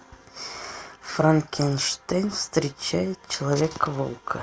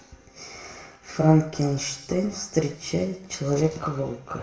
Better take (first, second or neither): first